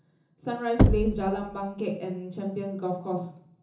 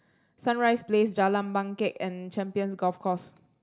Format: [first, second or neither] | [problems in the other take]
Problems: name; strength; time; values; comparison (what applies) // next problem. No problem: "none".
second | background sound (Knock / Wood); 3 dB above the speech // room echo; dies away in 0.7 s